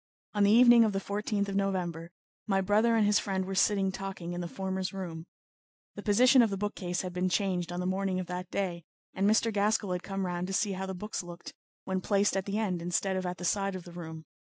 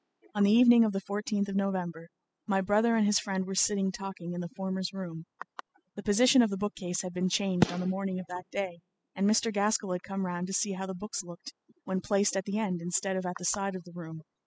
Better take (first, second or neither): first